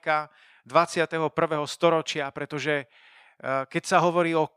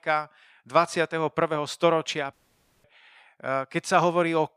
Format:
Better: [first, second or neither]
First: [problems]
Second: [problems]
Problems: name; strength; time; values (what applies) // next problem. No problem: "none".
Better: first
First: none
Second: audio cutting out; at 2.5 s for 0.5 s